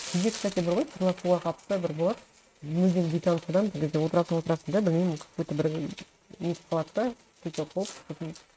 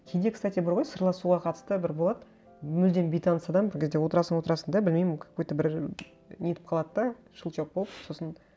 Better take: second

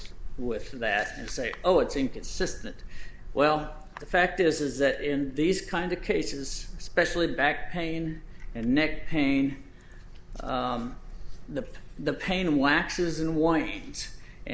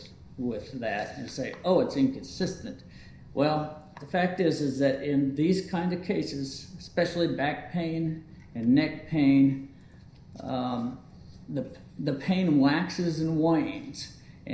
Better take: first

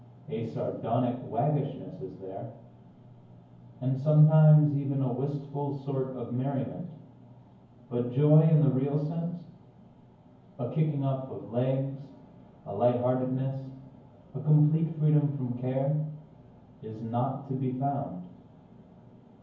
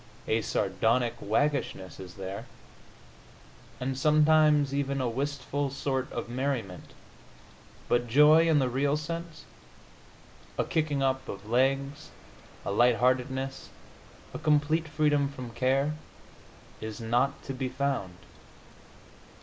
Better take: second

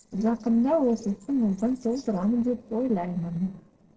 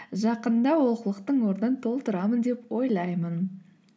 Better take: second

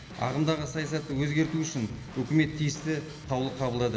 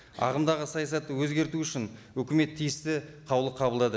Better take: second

